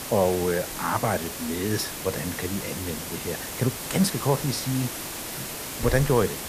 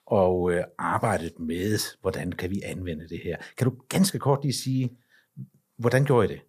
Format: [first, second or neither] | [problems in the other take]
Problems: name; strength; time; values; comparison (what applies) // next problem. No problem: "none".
second | hiss; loud; throughout; 5 dB below the speech